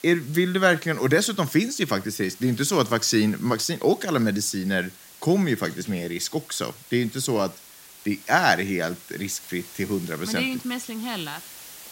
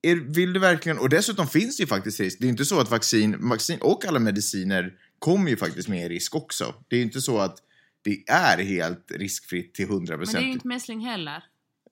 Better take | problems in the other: second | hiss; noticeable; throughout; 20 dB below the speech

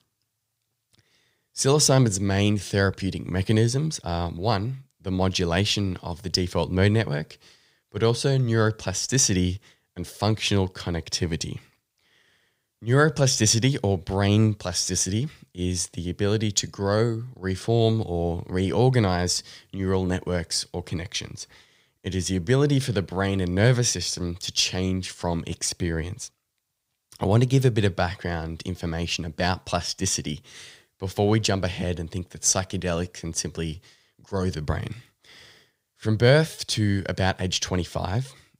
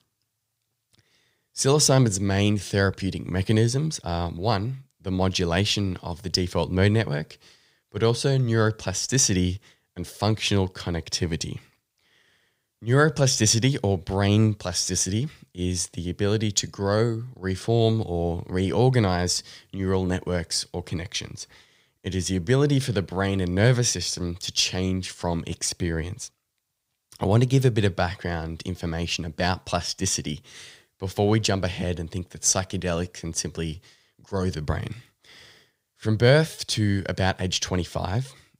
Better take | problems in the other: neither | none

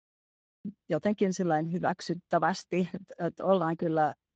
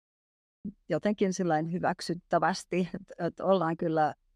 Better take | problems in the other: second | garbled, watery; slightly

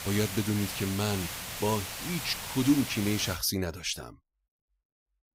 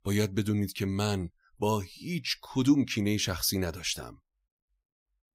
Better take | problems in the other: second | hiss; very faint; until 3.5 s; 6 dB below the speech

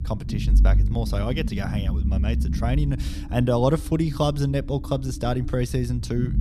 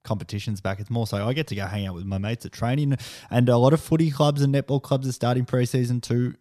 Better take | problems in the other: second | low rumble; noticeable; throughout; 10 dB below the speech

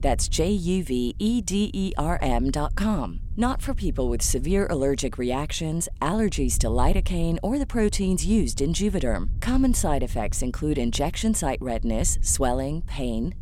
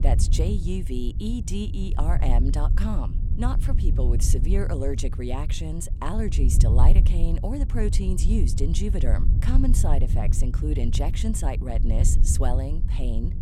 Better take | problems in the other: first | low rumble; loud; throughout; 8 dB below the speech; faint in the first

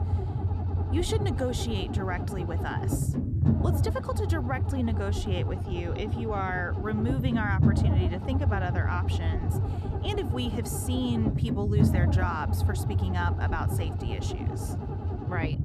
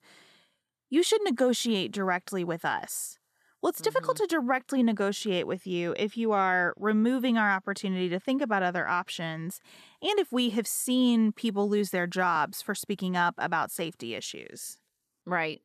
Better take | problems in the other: second | low rumble; loud; throughout; 4 dB below the speech

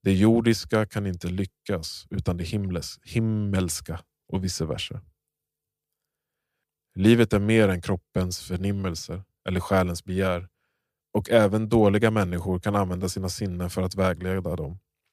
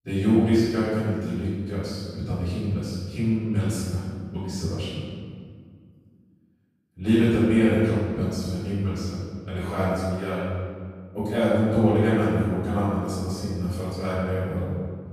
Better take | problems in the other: first | off-mic speech; far // room echo; strong; dies away in 1.9 s

